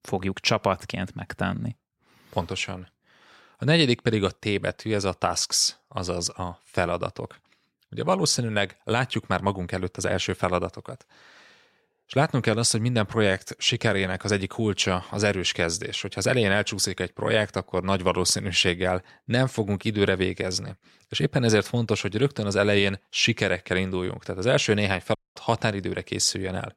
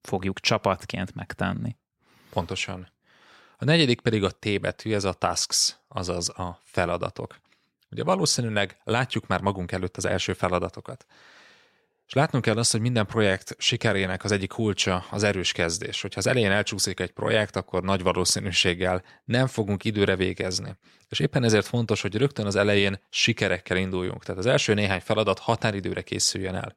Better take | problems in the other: second | audio cutting out; at 25 s

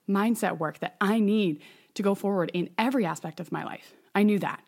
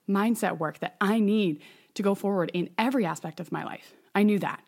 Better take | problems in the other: neither | none

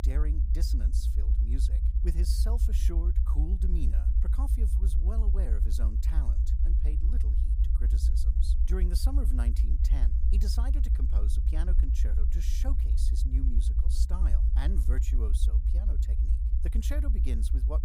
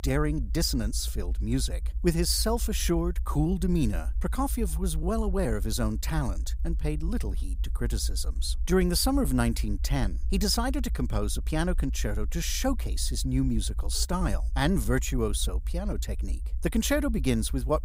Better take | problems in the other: second | low rumble; loud; throughout; 2 dB below the speech; faint in the second

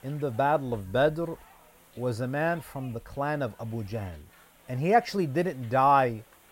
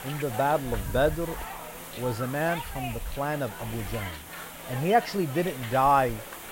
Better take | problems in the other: first | hiss; loud; throughout; 10 dB below the speech; faint in the first

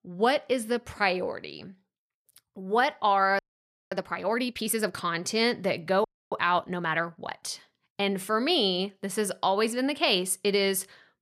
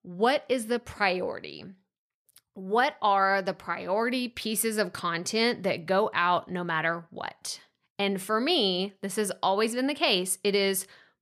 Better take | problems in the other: second | audio freezing; at 3.5 s for 0.5 s and at 6 s

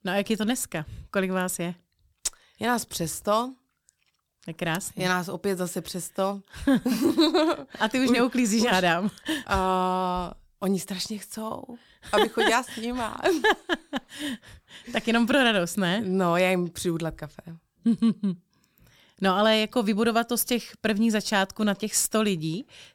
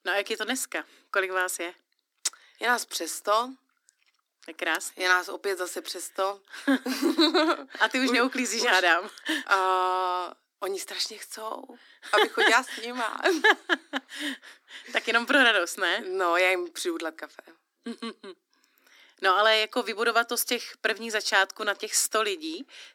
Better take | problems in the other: first | thin; somewhat; fading below 250 Hz

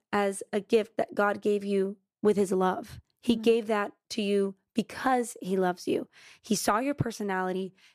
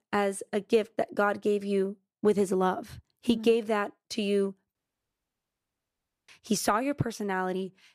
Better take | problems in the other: first | audio cutting out; at 5 s for 1.5 s

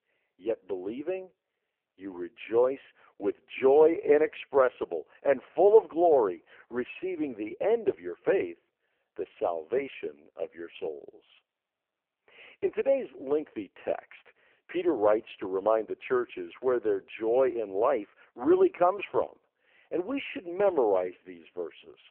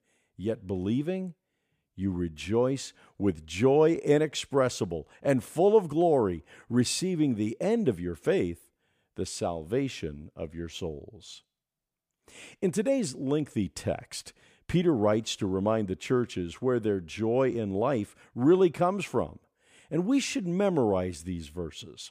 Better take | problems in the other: second | phone-call audio; poor line

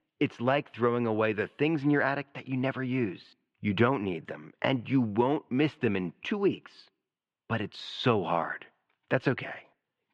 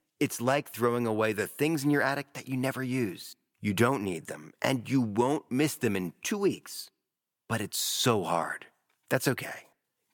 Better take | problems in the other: second | muffled; very; fading above 3 kHz

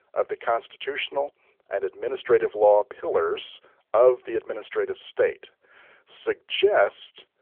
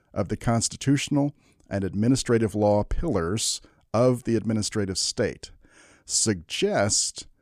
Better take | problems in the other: second | phone-call audio; nothing above 3.5 kHz

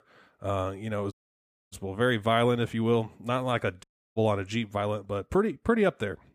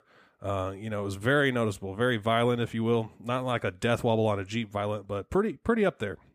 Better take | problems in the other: second | audio cutting out; at 1 s for 0.5 s and at 4 s

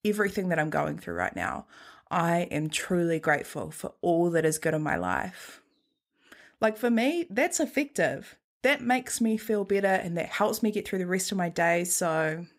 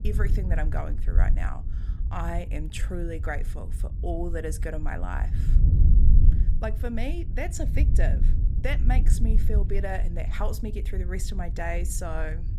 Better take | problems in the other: first | wind noise on the microphone; heavy; 9 dB below the speech

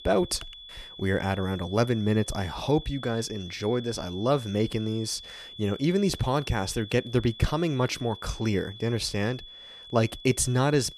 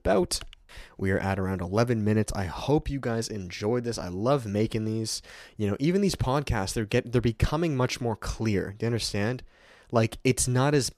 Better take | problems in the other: second | high-pitched whine; noticeable; throughout; 3.5 kHz, 15 dB below the speech

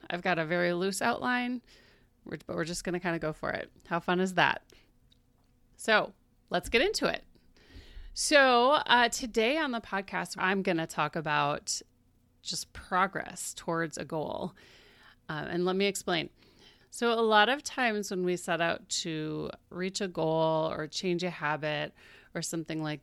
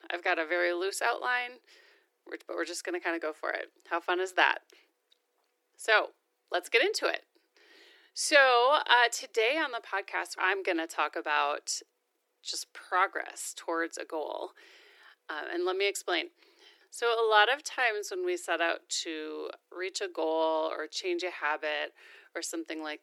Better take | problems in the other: first | thin; very; fading below 350 Hz

